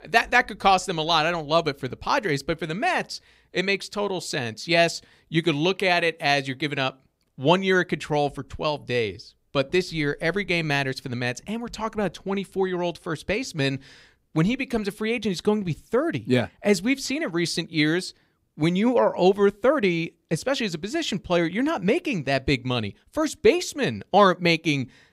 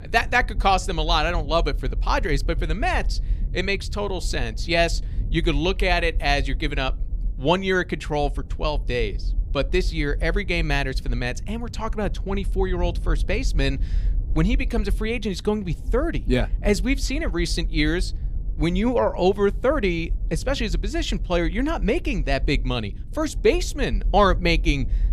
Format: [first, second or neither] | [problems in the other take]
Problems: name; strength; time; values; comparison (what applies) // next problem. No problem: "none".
first | low rumble; faint; throughout; 25 dB below the speech